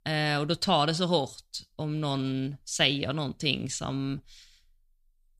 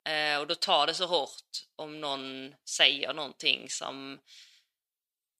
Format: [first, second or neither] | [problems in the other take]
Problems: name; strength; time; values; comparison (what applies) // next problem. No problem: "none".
first | thin; very; fading below 550 Hz